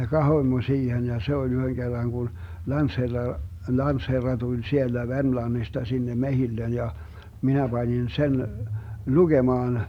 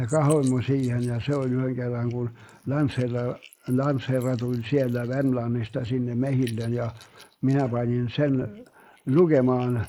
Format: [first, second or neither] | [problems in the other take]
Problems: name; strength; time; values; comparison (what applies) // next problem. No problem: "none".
first | noise reduction (neural mask model Resemble Enhance denoiser)